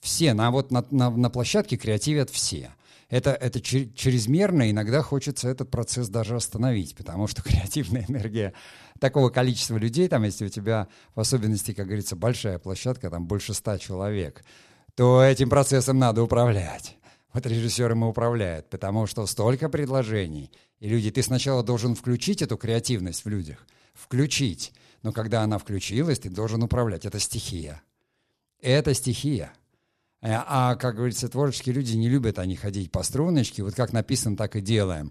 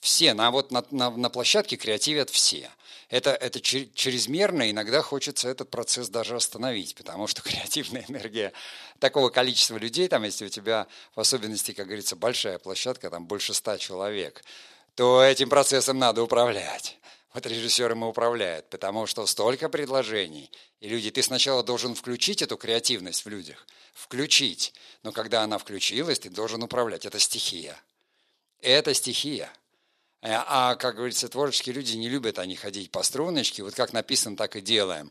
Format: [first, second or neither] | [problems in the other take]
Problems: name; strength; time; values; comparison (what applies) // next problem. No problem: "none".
first | thin; somewhat; fading below 400 Hz